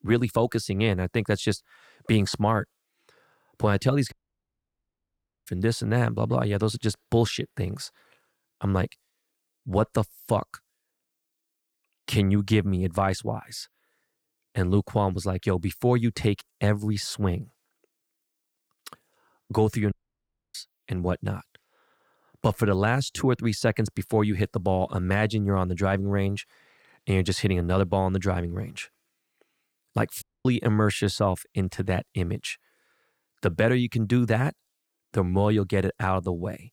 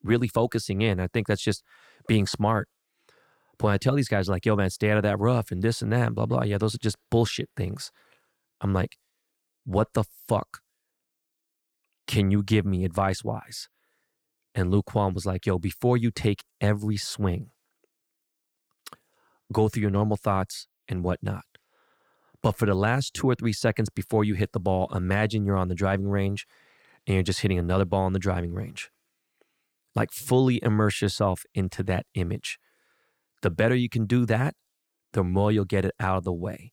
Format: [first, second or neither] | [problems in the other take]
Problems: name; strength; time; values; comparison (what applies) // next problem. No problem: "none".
second | audio cutting out; at 4 s for 1.5 s, at 20 s for 0.5 s and at 30 s